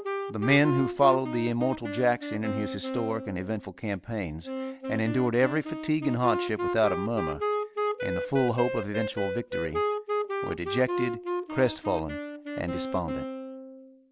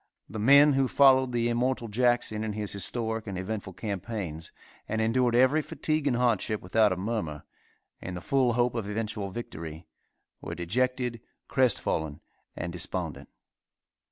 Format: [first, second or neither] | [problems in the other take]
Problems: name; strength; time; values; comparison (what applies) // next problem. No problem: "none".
second | background sound (Wind instrument, woodwind instrument); 4 dB below the speech